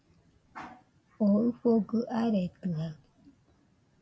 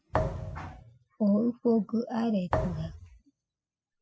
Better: first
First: none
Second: noise reduction (classical method spectral subtraction)

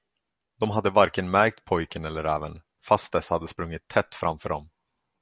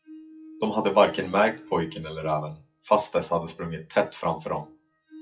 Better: first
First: none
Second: noise reduction (classical method WPE with log-MMSE)

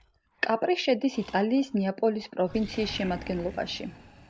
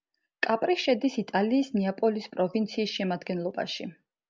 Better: second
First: background sound (Animal); 18 dB below the speech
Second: none

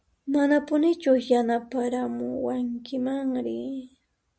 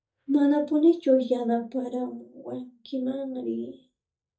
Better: first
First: none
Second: noise reduction (neural mask model DeepFilterNet 3)

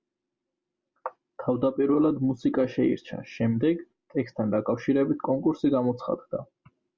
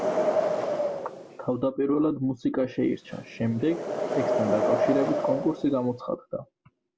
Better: first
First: none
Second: background sound (Wind); 1 dB below the speech

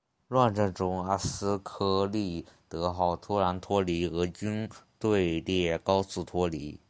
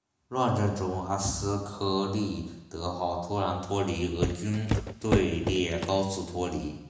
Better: first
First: none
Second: background sound (Walk, footsteps); 1 dB below the speech // room echo; dies away in 0.9 s

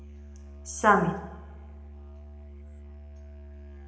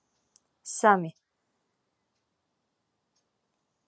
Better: second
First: background sound (Musical instrument); 13 dB below the speech // room echo; dies away in 0.8 s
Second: none

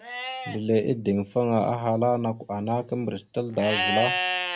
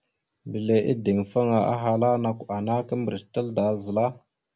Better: second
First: background sound (Livestock, farm animals, working animals); 6 dB below the speech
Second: none

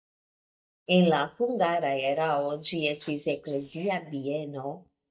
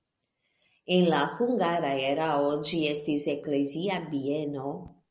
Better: second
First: noise reduction (neural mask model DeepFilterNet 3)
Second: none

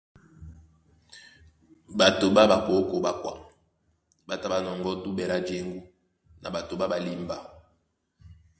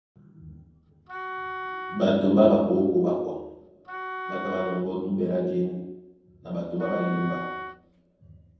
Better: first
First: none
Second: background sound (Wind instrument, woodwind instrument); 10 dB below the speech // room echo; dies away in 0.9 s

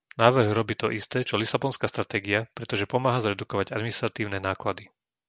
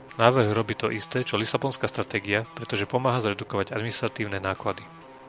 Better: first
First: none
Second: background sound (Guitar); 19 dB below the speech

